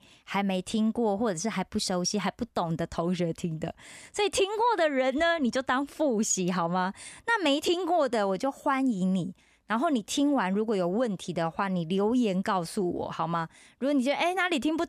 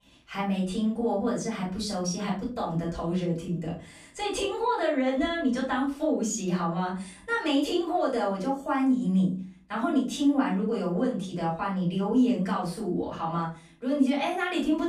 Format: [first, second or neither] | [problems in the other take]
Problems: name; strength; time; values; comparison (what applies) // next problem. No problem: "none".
first | off-mic speech; far // room echo; slight; dies away in 0.4 s